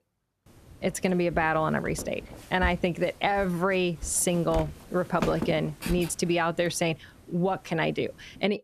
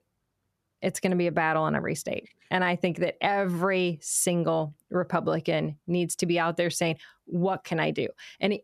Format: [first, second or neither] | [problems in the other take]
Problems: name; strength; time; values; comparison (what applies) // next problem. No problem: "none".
second | footsteps; noticeable; from 1.5 to 8 s; peak 4 dB below the speech